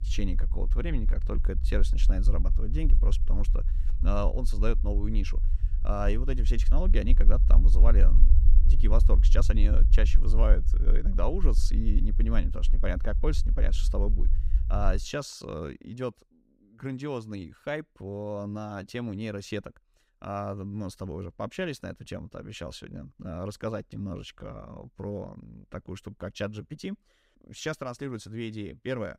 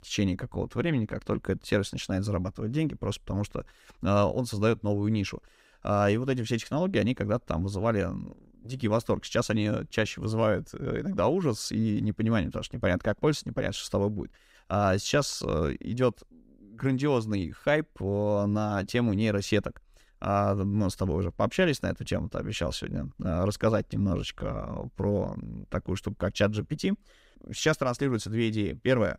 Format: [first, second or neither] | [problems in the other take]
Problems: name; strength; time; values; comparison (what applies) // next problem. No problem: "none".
second | low rumble; noticeable; until 15 s; 15 dB below the speech